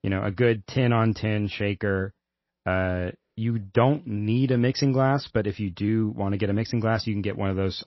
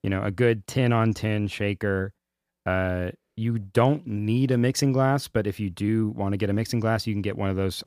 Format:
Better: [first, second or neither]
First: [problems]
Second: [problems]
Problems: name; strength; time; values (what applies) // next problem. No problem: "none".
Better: second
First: garbled, watery; slightly; nothing above 5.5 kHz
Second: none